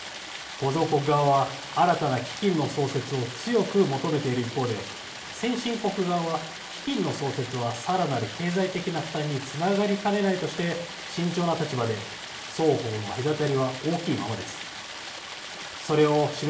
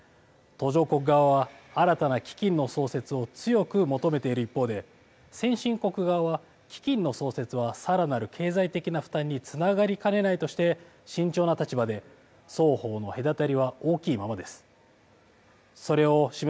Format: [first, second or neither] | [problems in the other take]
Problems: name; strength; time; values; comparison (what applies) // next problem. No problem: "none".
second | background sound (Stream); 11 dB below the speech // room echo; dies away in 1.3 s